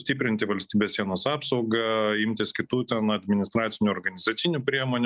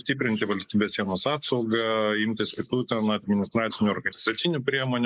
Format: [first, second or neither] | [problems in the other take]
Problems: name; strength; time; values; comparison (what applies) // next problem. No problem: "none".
first | noise reduction (neural mask model Resemble Enhance denoiser)